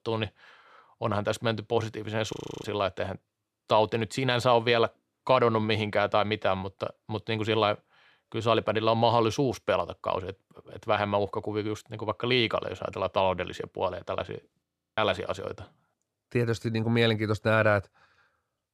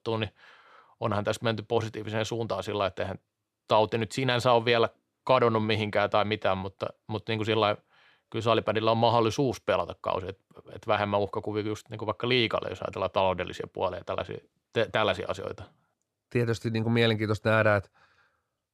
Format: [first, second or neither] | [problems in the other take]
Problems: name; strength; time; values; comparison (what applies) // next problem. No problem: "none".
second | audio freezing; at 2.5 s and at 15 s